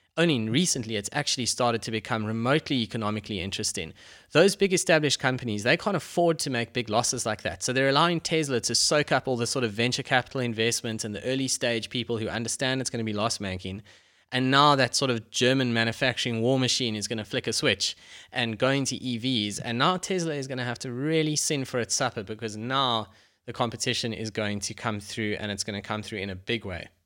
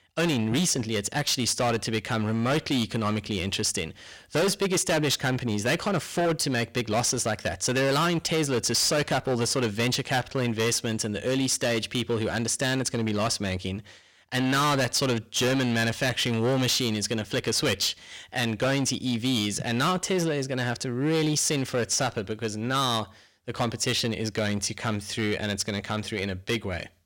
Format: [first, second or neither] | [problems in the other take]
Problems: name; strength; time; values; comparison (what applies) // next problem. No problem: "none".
first | distortion; heavy; 15% of the sound clipped